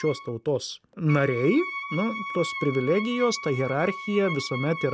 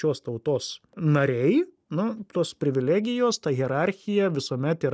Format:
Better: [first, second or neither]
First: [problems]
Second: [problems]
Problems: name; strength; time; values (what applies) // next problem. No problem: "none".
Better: second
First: background sound (Wind instrument, woodwind instrument); 10 dB below the speech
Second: none